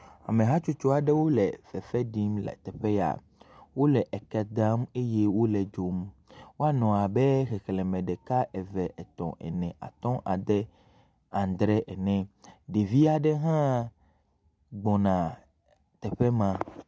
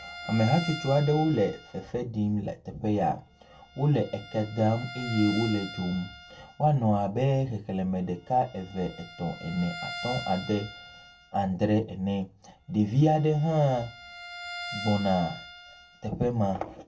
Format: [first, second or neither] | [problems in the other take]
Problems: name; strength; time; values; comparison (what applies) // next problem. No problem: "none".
first | background sound (Bowed string instrument); 15 dB below the speech // room echo; dies away in 0.2 s